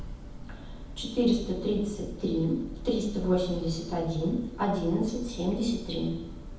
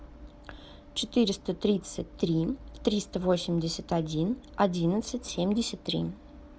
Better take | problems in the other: second | background sound (Church bell); 11 dB below the speech // room echo; dies away in 0.8 s

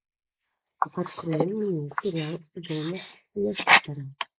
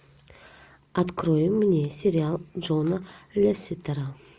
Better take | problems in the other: second | noise reduction (neural mask model Resemble Enhance denoiser)

